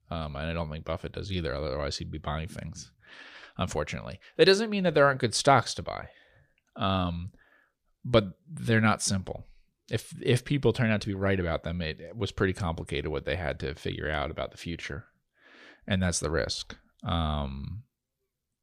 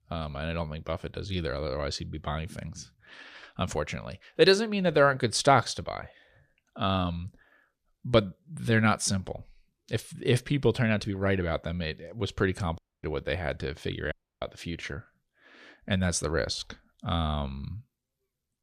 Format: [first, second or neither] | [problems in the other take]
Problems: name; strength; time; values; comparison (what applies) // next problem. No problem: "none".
first | audio cutting out; at 13 s and at 14 s